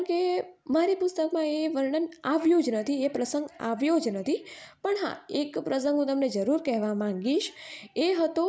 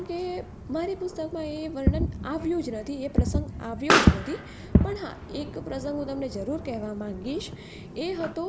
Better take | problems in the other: first | background sound (Fireworks + Explosion); 4 dB above the speech

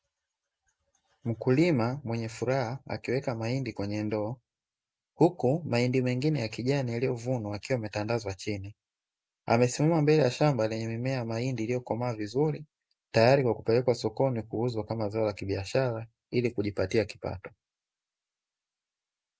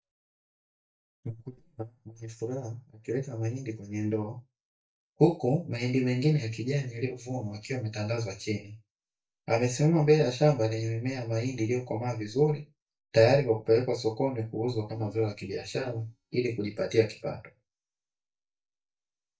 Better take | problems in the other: first | noise reduction (neural mask model DeepFilterNet 3)

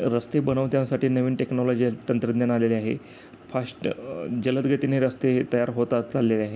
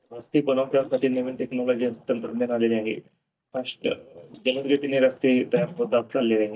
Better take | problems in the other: first | noise reduction (neural mask model DeepFilterNet 3)

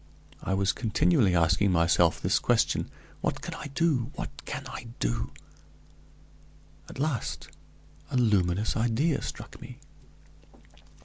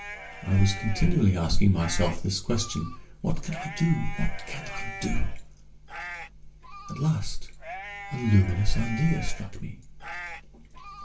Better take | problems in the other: first | background sound (Livestock, farm animals, working animals); 15 dB below the speech // room echo; dies away in 0.3 s

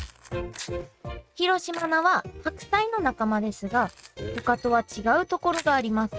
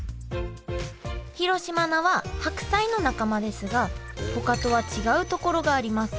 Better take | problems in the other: second | noise reduction (neural mask model RNNoise)

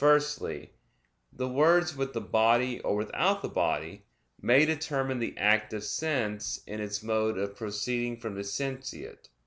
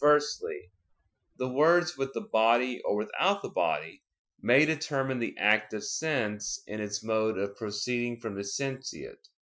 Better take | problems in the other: first | noise reduction (classical method Wiener filter)

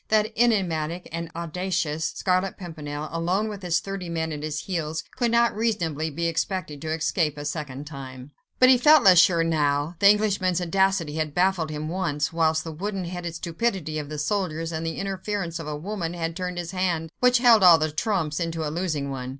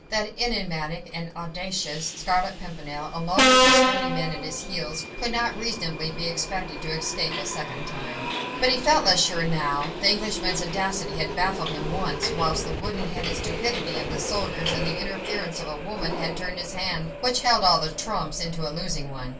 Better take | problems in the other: first | background sound (Subway, metro, underground); 2 dB below the speech // room echo; dies away in 0.2 s

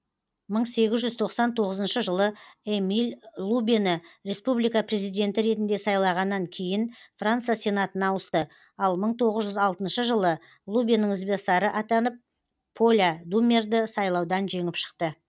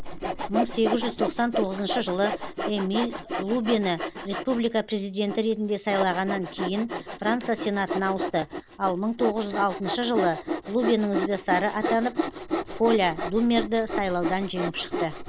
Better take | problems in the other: first | background sound (Sawing); 5 dB below the speech

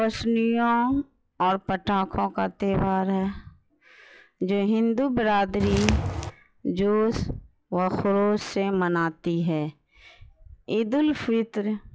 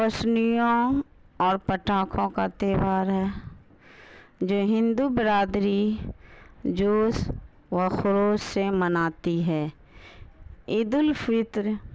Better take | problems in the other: second | noise reduction (classical method log-MMSE)

